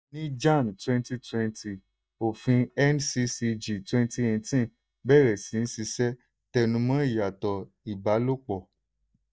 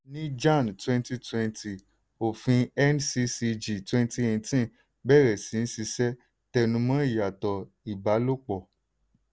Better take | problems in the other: second | noise reduction (neural mask model DeepFilterNet 3)

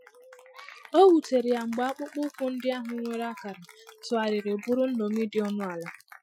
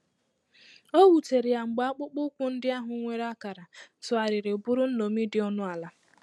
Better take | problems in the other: second | noise reduction (classical method Wiener filter)

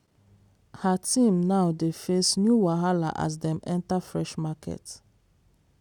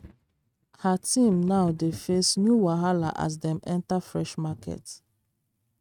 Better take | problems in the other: first | noise reduction (neural mask model RNNoise)

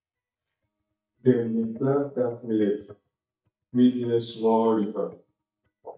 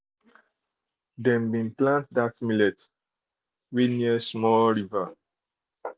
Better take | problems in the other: second | noise reduction (neural mask model DeepFilterNet 3)

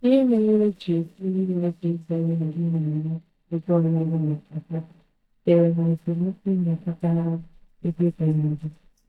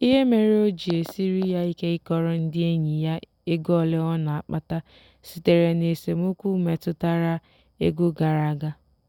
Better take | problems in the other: second | noise reduction (neural mask model DeepFilterNet 3)

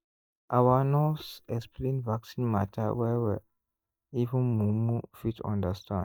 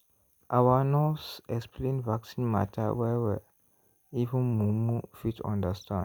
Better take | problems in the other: second | noise reduction (neural mask model DeepFilterNet 3)

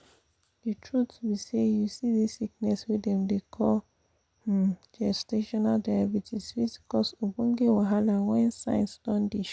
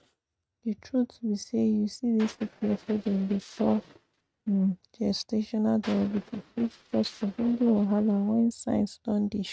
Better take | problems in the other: first | noise reduction (neural mask model RNNoise)

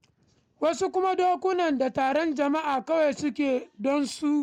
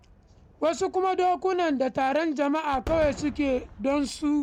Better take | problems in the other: first | background sound (Fireworks); 17 dB below the speech

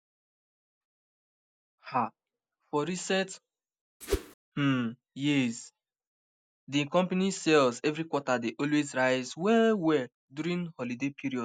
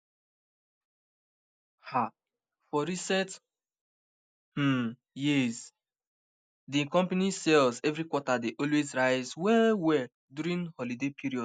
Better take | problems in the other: second | background sound (Whoosh, swoosh, swish); 2 dB below the speech

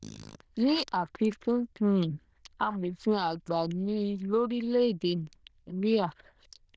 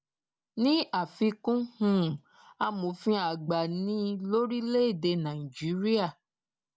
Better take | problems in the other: second | noise reduction (neural diffusion model UNIVERSE++)

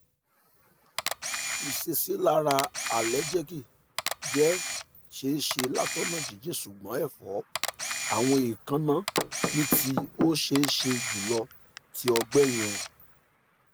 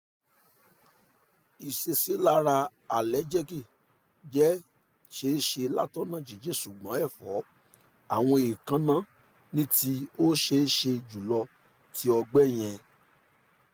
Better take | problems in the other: second | background sound (Camera + Knock / Wood); 5 dB below the speech

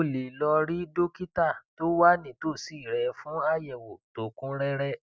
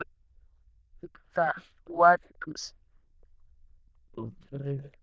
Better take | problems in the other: first | noise reduction (neural diffusion model UNIVERSE++)

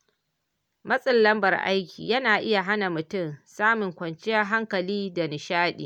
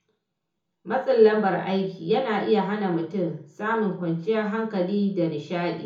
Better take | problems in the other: first | room echo; dies away in 0.6 s

